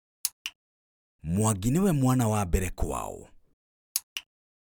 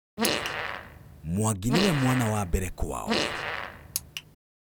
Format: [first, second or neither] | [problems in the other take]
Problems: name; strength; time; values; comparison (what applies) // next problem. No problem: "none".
first | background sound (Fart); 2 dB below the speech